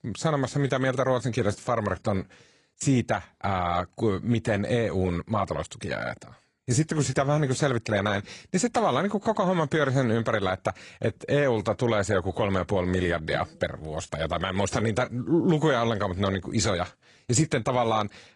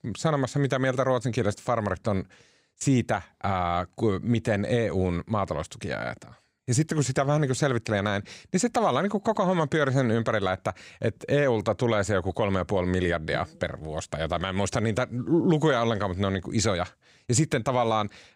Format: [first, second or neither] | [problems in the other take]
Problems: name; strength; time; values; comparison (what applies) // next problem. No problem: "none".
second | garbled, watery; slightly